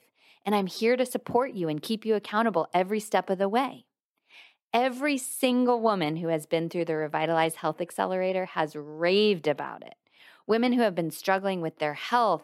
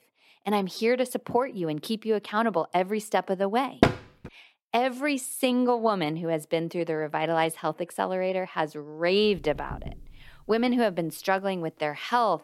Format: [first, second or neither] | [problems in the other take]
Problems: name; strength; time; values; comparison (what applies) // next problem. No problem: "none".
first | door banging; loud; at 4 s; peak 2 dB above the speech // door banging; faint; from 9 to 10 s; peak 15 dB below the speech